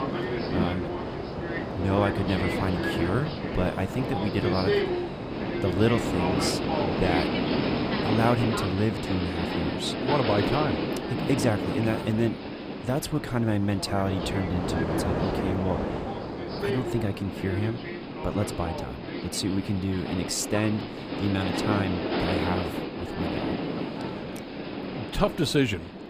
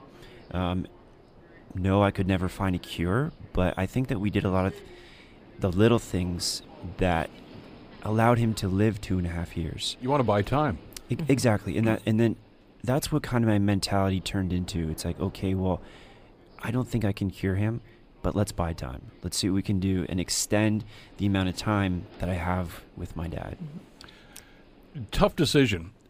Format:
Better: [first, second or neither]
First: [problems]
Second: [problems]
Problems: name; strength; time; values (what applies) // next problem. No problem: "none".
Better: second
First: train or aircraft noise; loud; throughout; 1 dB below the speech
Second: train or aircraft noise; faint; throughout; 25 dB below the speech